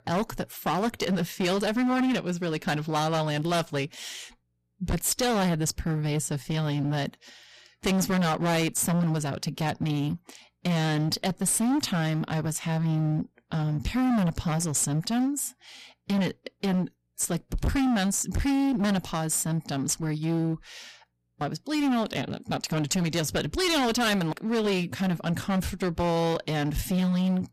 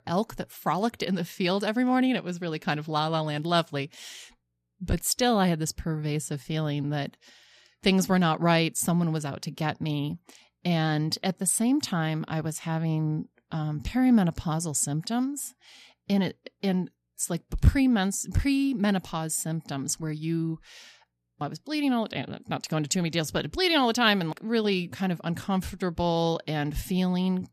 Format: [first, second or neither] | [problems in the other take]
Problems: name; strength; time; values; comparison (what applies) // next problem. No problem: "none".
second | distortion; heavy; 18% of the sound clipped